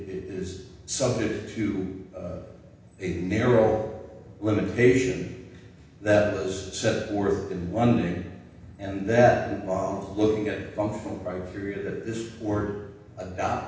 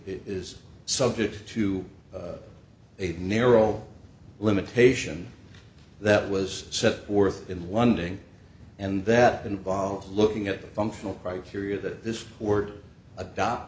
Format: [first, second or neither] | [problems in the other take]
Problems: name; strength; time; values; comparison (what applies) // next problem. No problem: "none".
second | room echo; dies away in 0.9 s